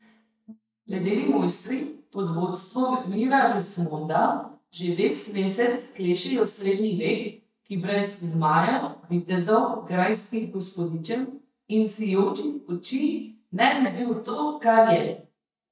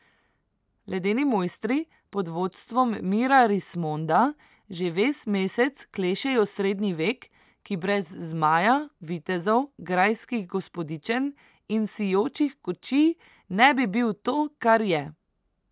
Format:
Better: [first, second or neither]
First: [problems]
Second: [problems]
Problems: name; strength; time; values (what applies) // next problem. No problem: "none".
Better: second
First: noise reduction (neural mask model DeepFilterNet 3)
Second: none